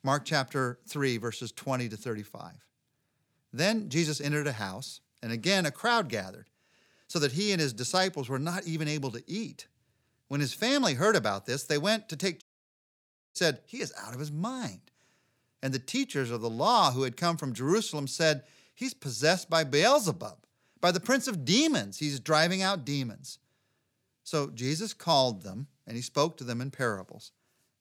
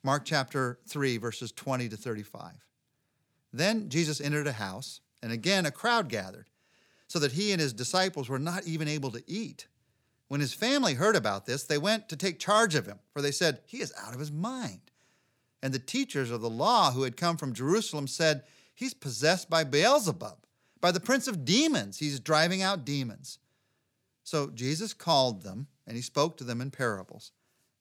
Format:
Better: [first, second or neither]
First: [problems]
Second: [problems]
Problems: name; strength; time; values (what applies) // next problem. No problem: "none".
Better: second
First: audio cutting out; at 12 s for 1 s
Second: none